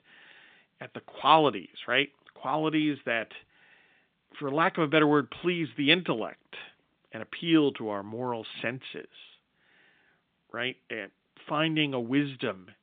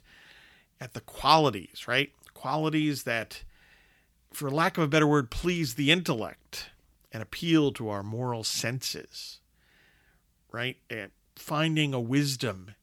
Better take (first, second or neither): second